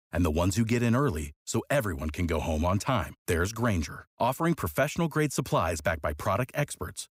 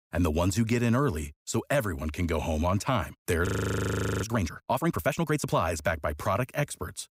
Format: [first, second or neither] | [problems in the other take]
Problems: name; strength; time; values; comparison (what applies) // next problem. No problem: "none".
first | audio freezing; at 3.5 s for 1 s